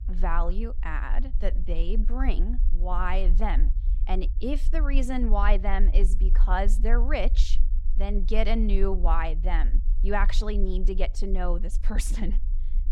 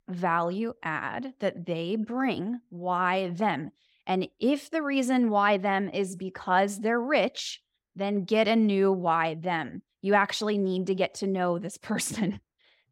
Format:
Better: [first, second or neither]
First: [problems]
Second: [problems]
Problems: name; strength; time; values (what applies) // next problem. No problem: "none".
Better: second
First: low rumble; noticeable; throughout; 20 dB below the speech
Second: none